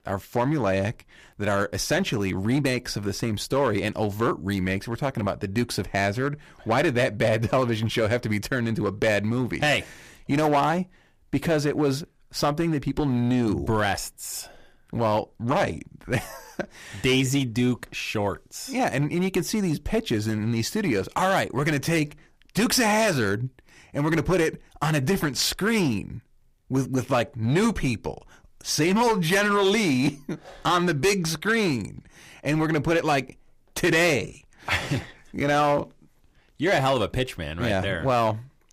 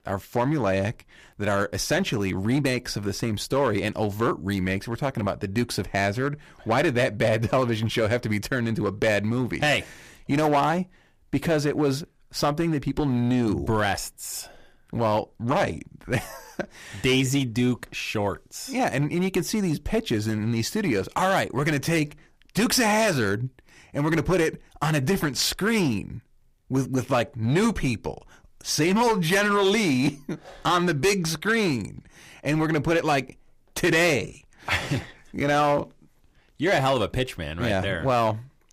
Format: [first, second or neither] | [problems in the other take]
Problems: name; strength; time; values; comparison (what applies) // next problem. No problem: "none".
neither | distortion; slight; 6% of the sound clipped; the same in both